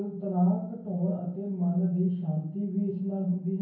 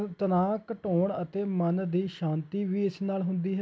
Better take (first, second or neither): second